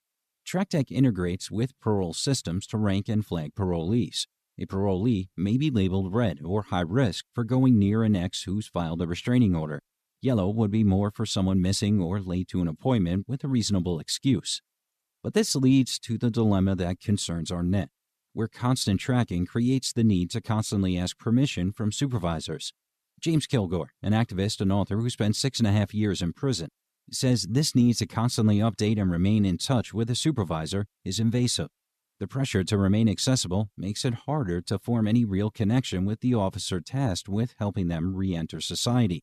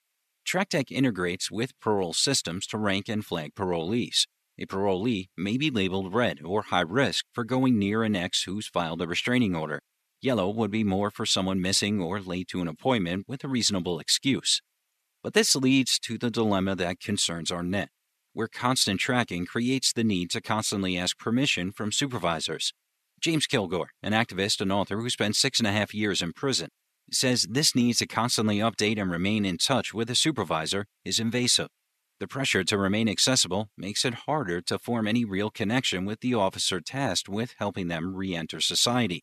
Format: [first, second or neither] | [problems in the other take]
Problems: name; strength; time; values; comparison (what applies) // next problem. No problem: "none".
first | thin; somewhat; fading below 1 kHz